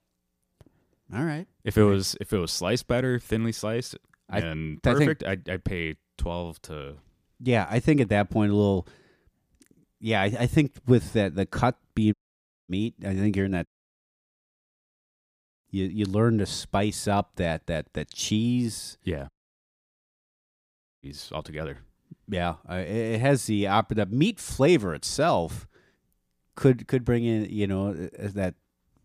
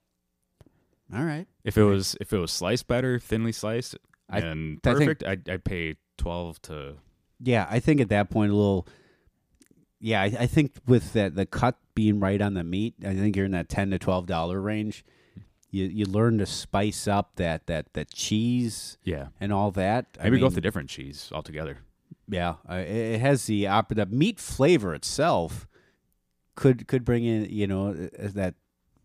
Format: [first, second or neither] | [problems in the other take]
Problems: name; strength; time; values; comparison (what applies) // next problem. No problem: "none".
second | audio cutting out; at 12 s for 0.5 s, at 14 s for 2 s and at 19 s for 1.5 s